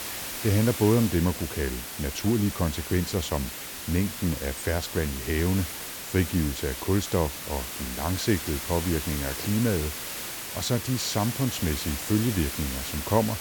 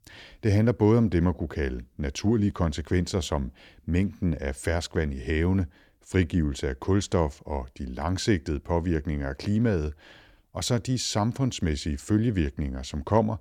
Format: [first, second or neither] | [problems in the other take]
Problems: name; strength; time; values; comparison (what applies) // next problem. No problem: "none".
second | hiss; loud; throughout; 5 dB below the speech